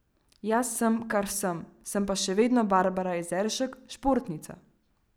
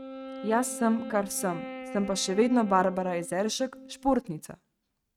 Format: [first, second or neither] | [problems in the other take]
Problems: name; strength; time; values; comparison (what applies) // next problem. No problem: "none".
first | noise reduction (neural mask model RNNoise)